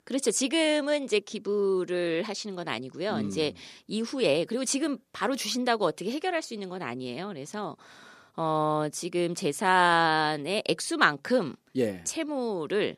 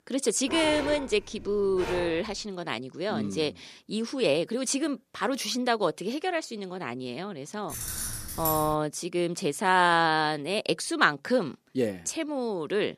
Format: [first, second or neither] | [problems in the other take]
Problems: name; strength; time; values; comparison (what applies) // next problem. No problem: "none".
first | dog barking; noticeable; until 2.5 s; peak 5 dB below the speech // jangling keys; noticeable; from 7.5 to 8.5 s; peak 3 dB below the speech